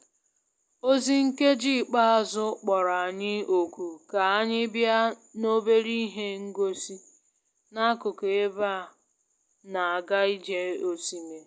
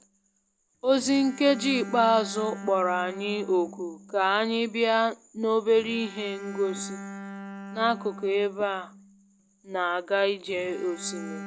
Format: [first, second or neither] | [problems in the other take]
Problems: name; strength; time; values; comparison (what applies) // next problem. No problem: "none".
first | background sound (Bowed string instrument); 15 dB below the speech